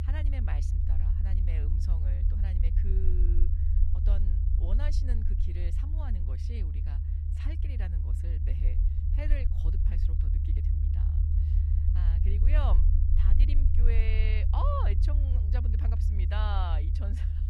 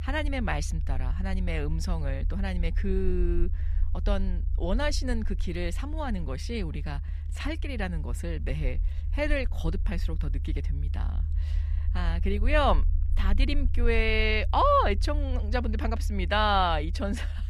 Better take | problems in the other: second | low rumble; loud; throughout; 4 dB below the speech; faint in the second

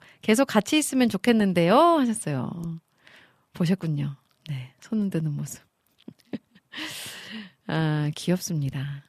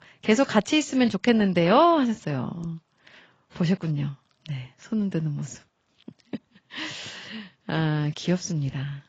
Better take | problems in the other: first | garbled, watery; badly; nothing above 7.5 kHz

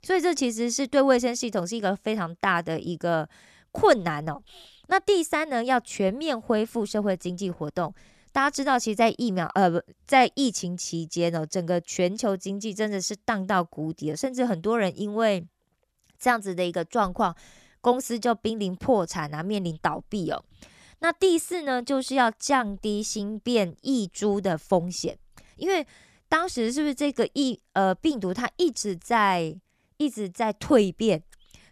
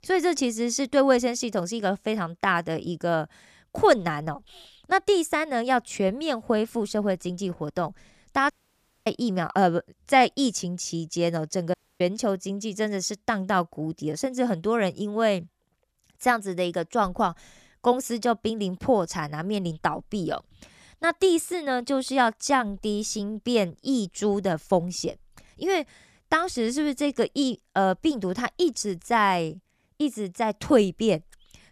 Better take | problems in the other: first | audio cutting out; at 8.5 s for 0.5 s and at 12 s

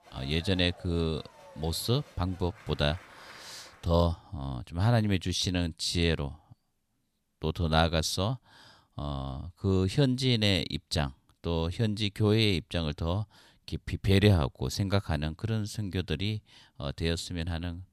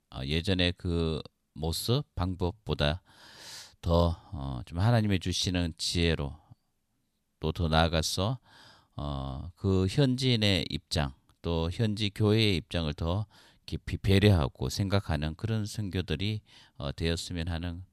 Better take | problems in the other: second | crowd noise; faint; until 3.5 s; 20 dB below the speech

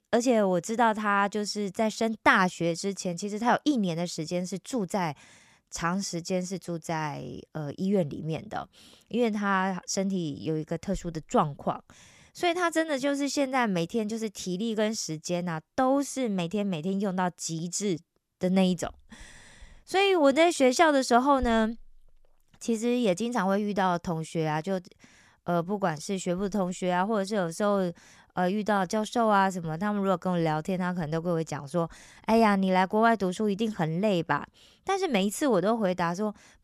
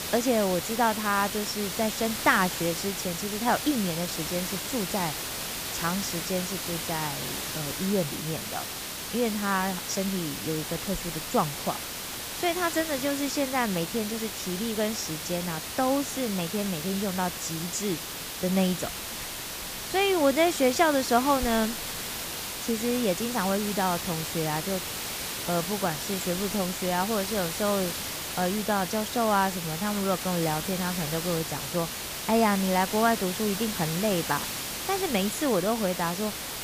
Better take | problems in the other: first | hiss; loud; throughout; 4 dB below the speech

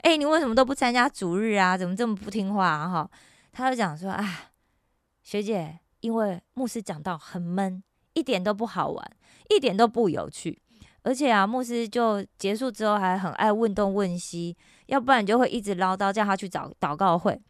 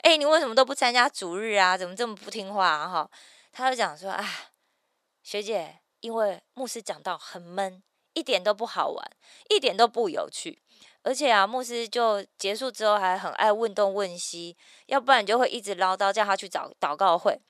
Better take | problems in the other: first | thin; somewhat; fading below 450 Hz

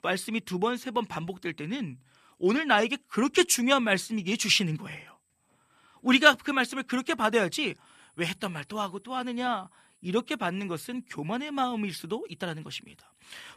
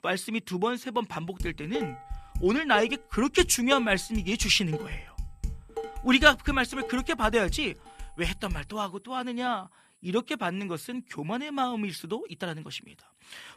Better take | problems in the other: first | clattering dishes; noticeable; from 1.5 to 8.5 s; peak 8 dB below the speech

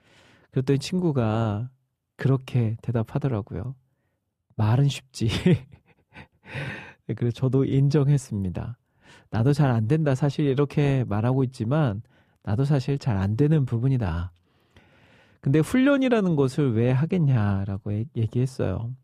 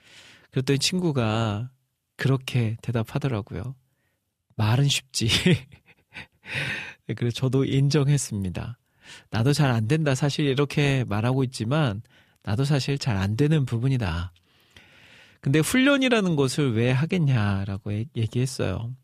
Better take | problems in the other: second | muffled; slightly; fading above 1.5 kHz

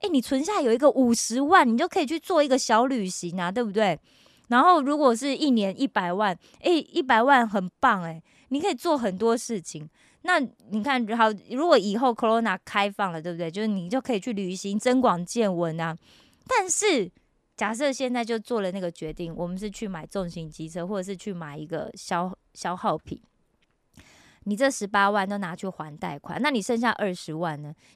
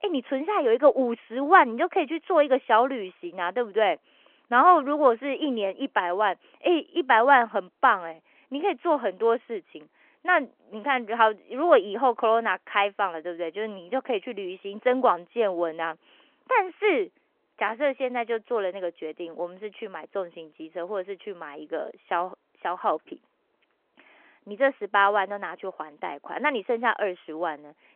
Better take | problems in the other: first | phone-call audio

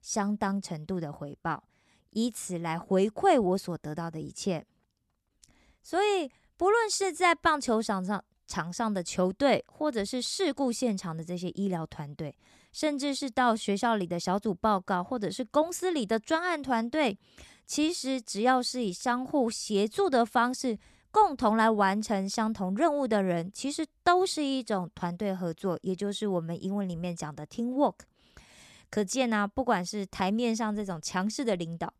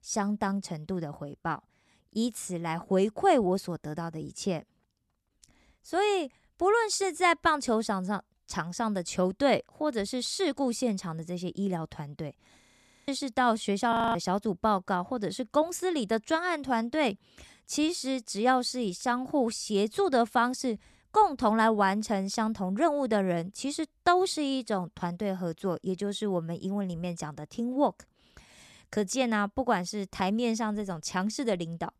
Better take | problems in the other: first | audio freezing; at 13 s and at 14 s

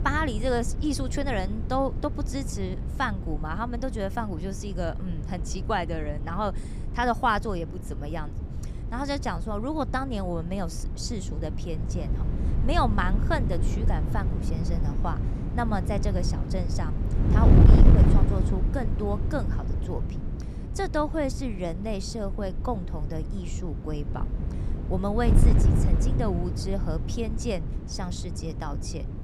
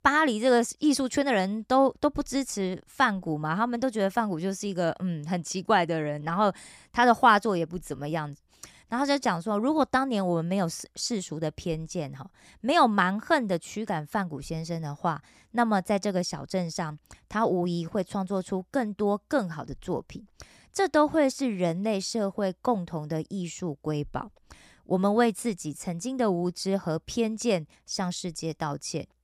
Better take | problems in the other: second | wind noise on the microphone; heavy; 8 dB below the speech

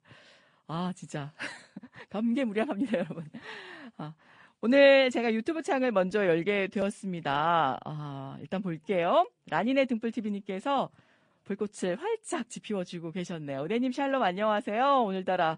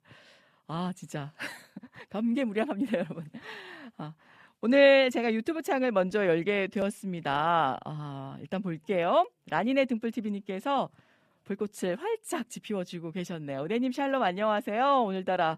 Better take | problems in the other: second | garbled, watery; slightly; nothing above 8.5 kHz

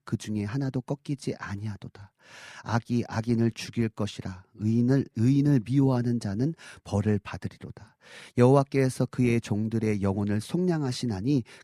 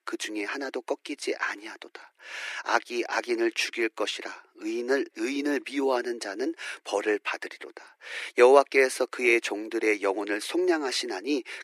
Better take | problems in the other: first | thin; very; fading below 300 Hz

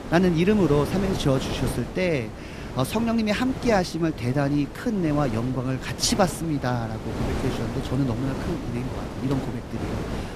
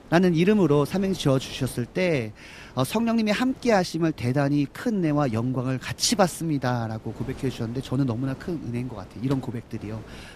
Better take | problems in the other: second | wind noise on the microphone; heavy; 8 dB below the speech; occasional gusts in the second

